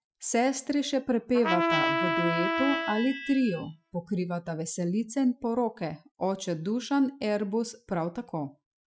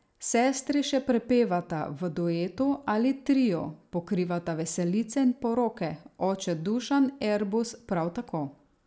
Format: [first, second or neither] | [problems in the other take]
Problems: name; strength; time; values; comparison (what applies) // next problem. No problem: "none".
second | noise reduction (classical method Wiener filter)